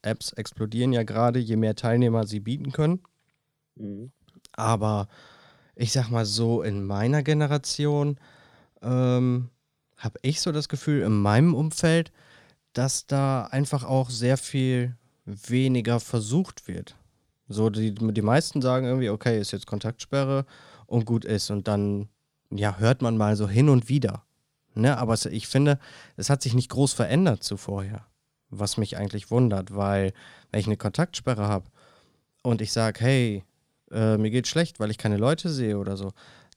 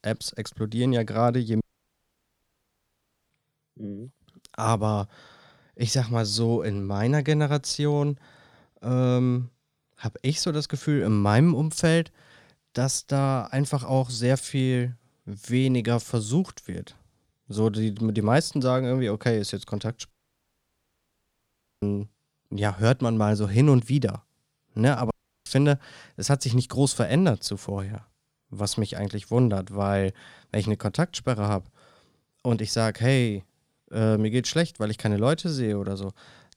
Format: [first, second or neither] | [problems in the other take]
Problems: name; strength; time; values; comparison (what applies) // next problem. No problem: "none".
first | audio cutting out; at 1.5 s for 1.5 s, at 20 s for 1.5 s and at 25 s